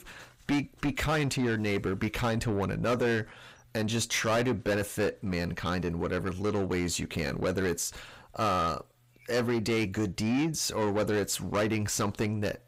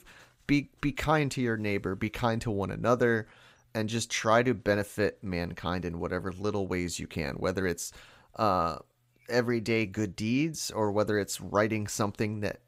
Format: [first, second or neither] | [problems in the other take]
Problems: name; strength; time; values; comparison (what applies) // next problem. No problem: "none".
second | distortion; heavy; 7 dB below the speech